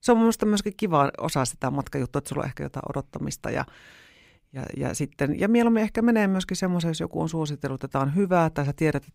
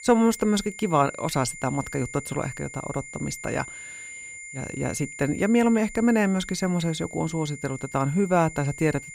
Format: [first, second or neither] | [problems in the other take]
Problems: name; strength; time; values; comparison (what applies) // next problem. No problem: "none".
first | high-pitched whine; noticeable; throughout; 2 kHz, 15 dB below the speech